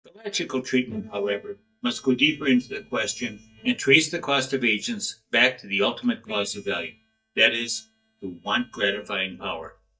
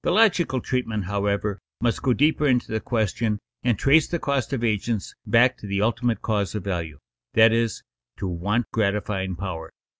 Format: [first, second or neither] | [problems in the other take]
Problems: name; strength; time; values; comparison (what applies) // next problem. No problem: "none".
second | noise reduction (neural mask model DeepFilterNet 3)